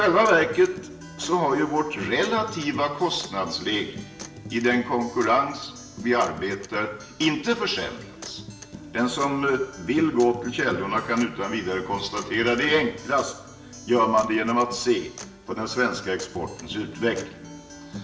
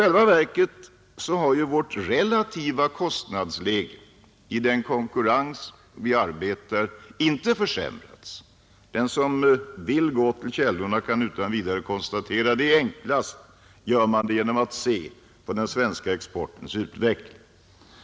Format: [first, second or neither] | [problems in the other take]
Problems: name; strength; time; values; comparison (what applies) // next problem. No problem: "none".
second | background sound (Acoustic guitar); 16 dB below the speech // room echo; dies away in 0.6 s